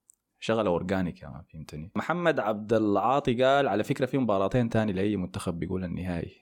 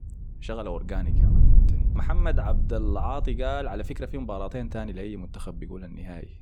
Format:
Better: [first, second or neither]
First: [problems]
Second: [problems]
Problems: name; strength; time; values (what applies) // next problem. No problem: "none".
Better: first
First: none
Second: wind noise on the microphone; heavy; 8 dB below the speech